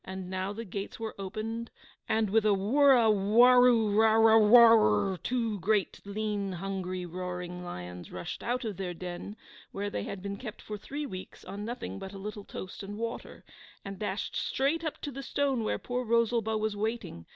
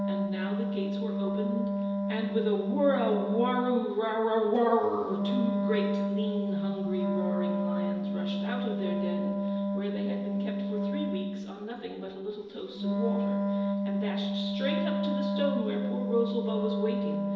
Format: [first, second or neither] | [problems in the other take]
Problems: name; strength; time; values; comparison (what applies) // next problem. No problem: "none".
first | background sound (Wind instrument, woodwind instrument); 2 dB above the speech // room echo; dies away in 1 s